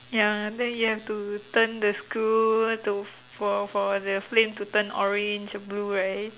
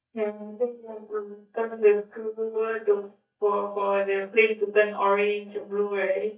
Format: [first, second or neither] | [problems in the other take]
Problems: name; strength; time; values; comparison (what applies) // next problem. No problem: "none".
first | noise reduction (neural mask model DeepFilterNet 3)